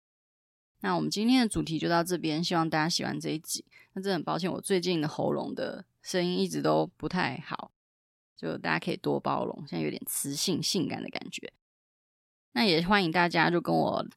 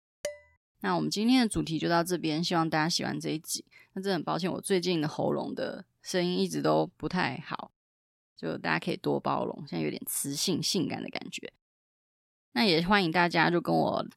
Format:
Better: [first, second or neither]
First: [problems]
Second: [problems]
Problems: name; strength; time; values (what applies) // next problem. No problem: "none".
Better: first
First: none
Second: clattering dishes; faint; at the start; peak 10 dB below the speech